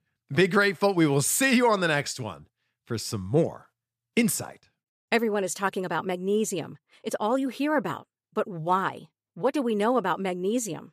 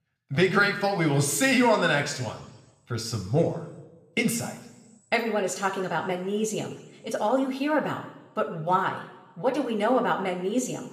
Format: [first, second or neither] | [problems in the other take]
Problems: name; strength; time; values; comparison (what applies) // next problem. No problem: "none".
first | room echo; slight; dies away in 1 s